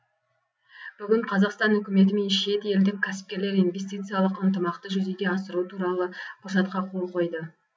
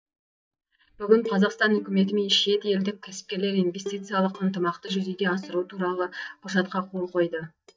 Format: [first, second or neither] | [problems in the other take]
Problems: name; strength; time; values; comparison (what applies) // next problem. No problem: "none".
first | noise reduction (neural mask model DeepFilterNet 3)